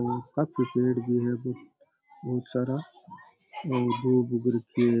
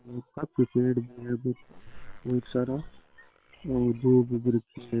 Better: first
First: none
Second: noise reduction (neural separator model SepFormer WHAM!)

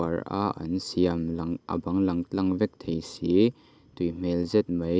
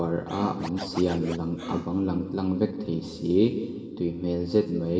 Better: first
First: none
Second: background sound (Scratching (performance technique)); 13 dB below the speech // room echo; dies away in 1.7 s

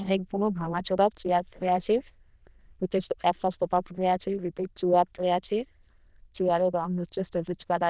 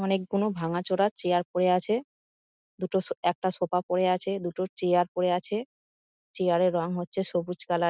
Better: second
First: noise reduction (neural diffusion model UNIVERSE++)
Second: none

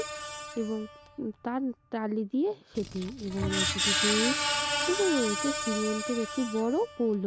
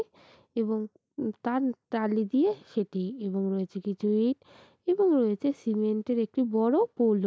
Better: second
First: background sound (Screech); 2 dB below the speech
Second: none

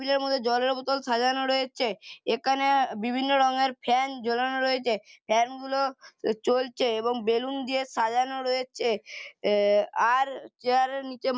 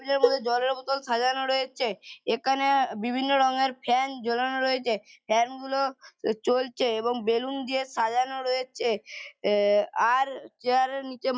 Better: first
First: none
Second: noise reduction (classical method log-MMSE)

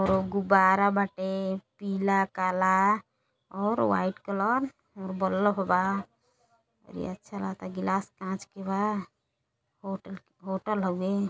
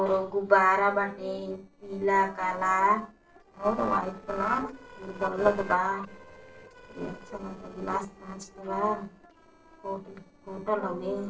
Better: first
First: none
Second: noise reduction (neural separator model SepFormer DNS4)

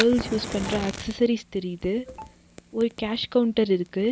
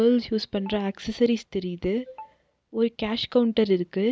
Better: second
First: background sound (Fire); 12 dB below the speech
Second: none

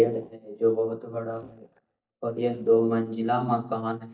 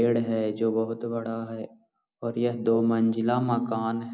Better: second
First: noise reduction (neural mask model DeepFilterNet 3)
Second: none

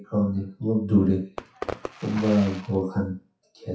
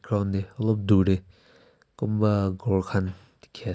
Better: second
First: noise reduction (classical method WPE with log-MMSE)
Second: none

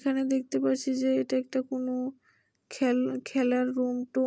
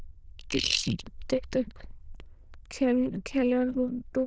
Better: first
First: none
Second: noise reduction (neural diffusion model UNIVERSE++)

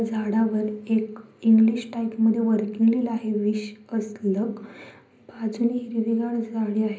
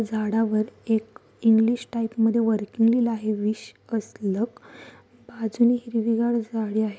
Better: second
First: room echo; dies away in 0.5 s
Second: none

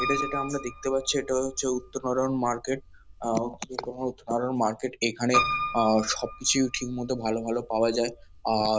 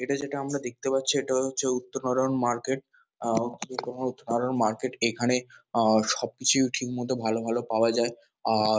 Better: second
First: background sound (Piano); 8 dB below the speech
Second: none

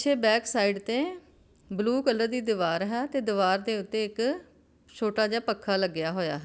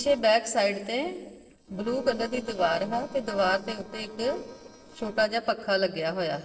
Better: first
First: none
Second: noise reduction (neural separator model SepFormer DNS4)

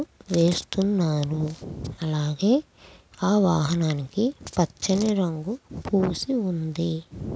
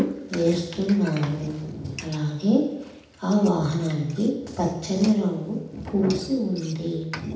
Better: first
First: none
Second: background sound (Frying (food)); 20 dB below the speech // room echo; dies away in 0.8 s

